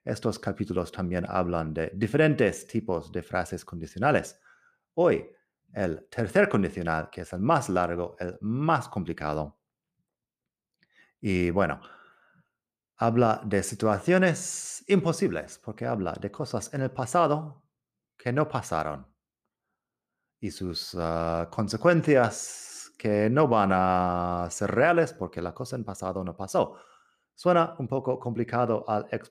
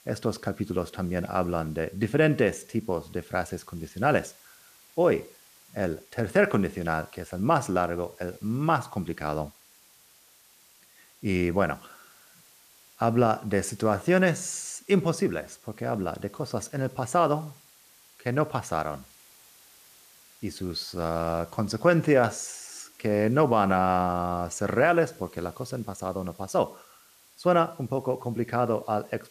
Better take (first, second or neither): first